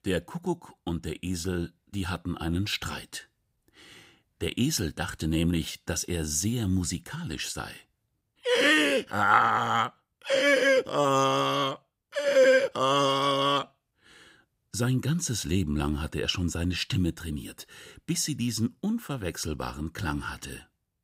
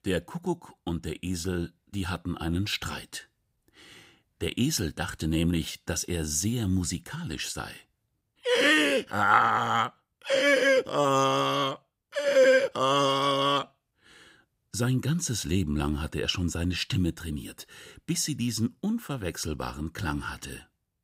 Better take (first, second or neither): neither